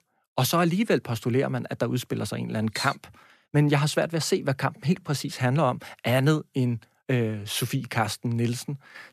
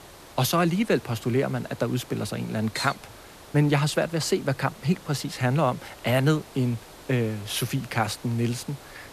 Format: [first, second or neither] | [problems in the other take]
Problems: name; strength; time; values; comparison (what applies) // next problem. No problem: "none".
first | hiss; noticeable; throughout; 20 dB below the speech